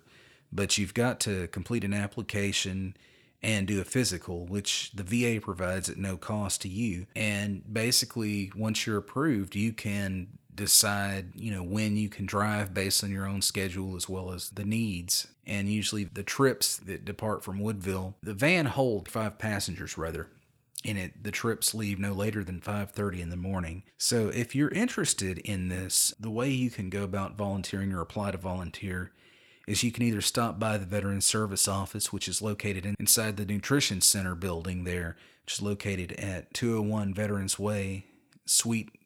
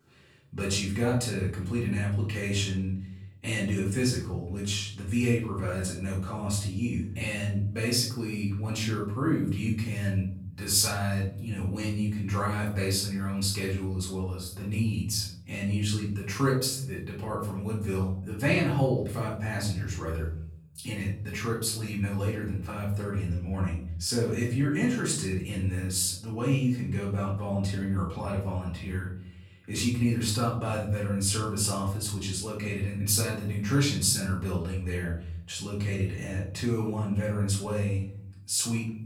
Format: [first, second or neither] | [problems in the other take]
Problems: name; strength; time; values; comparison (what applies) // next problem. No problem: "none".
first | off-mic speech; far // room echo; noticeable; dies away in 1 s